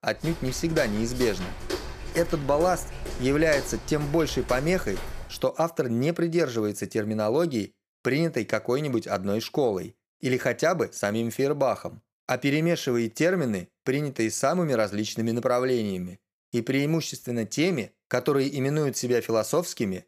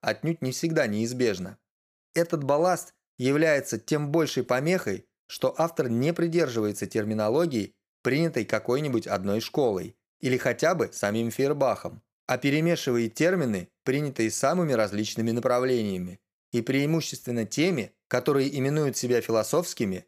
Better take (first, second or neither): second